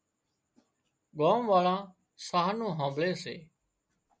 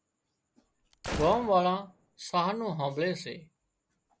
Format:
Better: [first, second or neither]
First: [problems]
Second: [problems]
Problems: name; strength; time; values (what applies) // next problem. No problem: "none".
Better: first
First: none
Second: background sound (Gunshot, gunfire); 11 dB below the speech